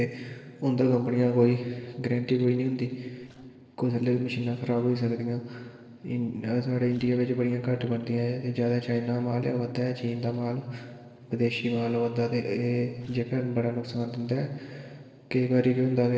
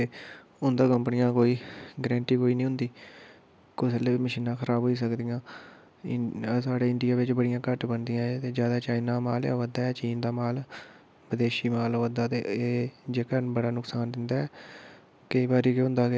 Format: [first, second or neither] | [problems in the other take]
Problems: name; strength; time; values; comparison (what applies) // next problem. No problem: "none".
second | noise reduction (neural separator model SepFormer DNS4)